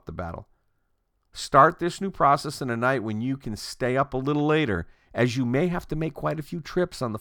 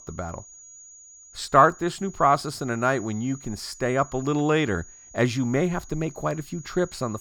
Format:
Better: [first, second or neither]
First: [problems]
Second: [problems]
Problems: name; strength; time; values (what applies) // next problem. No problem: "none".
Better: first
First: none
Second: high-pitched whine; noticeable; throughout; 6.5 kHz, 20 dB below the speech